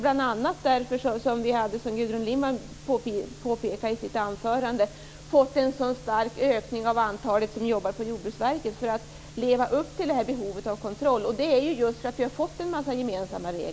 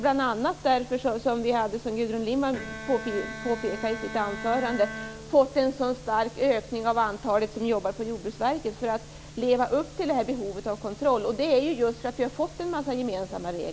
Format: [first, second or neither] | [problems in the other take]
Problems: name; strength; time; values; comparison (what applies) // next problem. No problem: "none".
first | background sound (Bowed string instrument); 12 dB below the speech